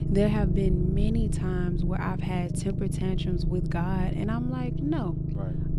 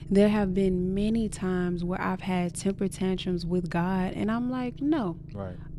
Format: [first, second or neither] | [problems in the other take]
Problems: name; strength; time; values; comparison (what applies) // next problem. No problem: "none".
second | low rumble; loud; throughout; 5 dB below the speech; faint in the second